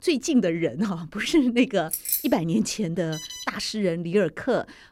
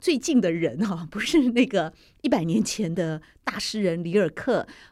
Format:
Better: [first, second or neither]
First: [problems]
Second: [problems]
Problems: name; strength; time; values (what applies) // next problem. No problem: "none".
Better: second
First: jangling keys; noticeable; at 2 s; peak level with the speech // alarm; noticeable; at 3 s; peak 10 dB below the speech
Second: none